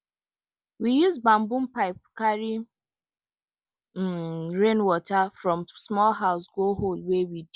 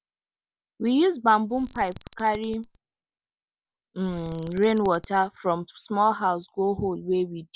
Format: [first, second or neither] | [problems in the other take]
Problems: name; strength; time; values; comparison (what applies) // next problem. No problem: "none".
first | background sound (Alarm); 20 dB below the speech